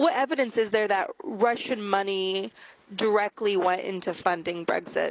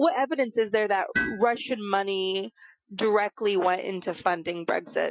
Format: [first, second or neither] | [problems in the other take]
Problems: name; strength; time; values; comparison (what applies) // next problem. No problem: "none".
first | noise reduction (classical method Wiener filter)